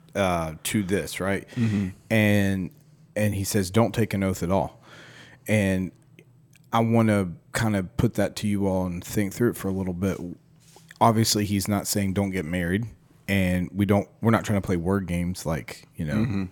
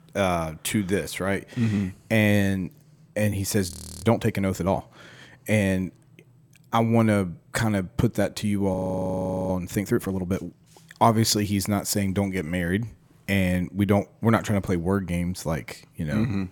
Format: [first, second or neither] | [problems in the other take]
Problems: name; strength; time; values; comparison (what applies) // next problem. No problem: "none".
first | audio freezing; at 3.5 s and at 8.5 s for 1 s